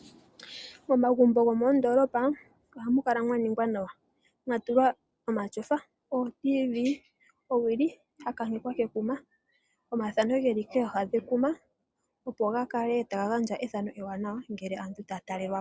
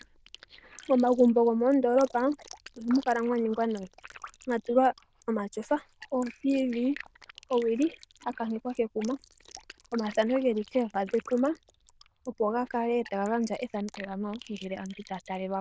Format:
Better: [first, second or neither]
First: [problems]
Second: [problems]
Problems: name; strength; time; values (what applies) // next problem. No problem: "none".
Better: first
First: none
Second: noise reduction (neural diffusion model UNIVERSE++)